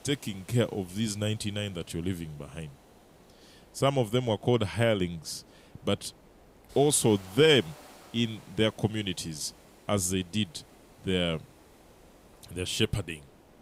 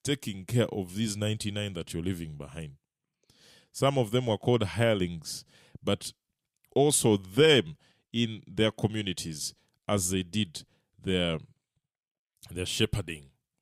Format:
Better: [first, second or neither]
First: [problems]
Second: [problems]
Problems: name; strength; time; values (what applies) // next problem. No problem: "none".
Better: second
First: hiss; faint; throughout; 25 dB below the speech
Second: none